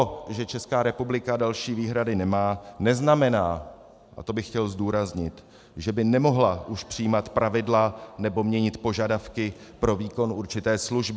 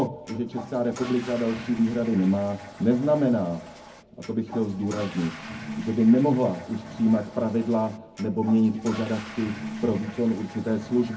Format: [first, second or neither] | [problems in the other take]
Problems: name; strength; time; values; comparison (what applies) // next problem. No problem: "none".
first | background sound (Toilet flush / Water); 14 dB below the speech // room echo; dies away in 0.4 s